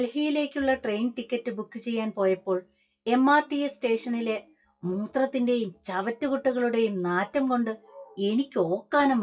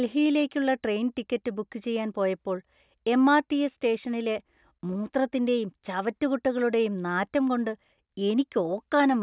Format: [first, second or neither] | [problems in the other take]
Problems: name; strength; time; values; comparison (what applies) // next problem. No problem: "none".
second | noise reduction (classical method WPE with log-MMSE)